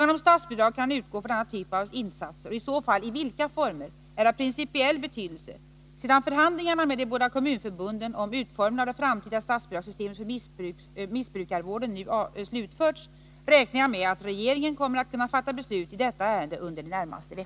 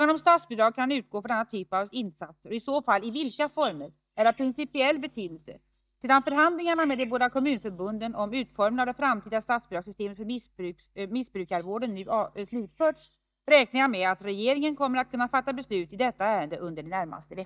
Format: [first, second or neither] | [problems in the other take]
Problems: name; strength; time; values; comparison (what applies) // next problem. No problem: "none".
first | noise reduction (neural mask model DeepFilterNet 3)